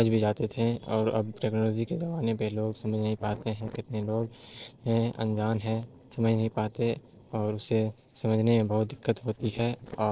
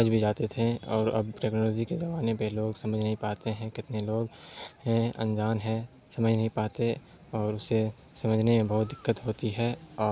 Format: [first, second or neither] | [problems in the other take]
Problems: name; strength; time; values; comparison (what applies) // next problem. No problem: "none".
second | noise reduction (neural separator model SepFormer DNS4)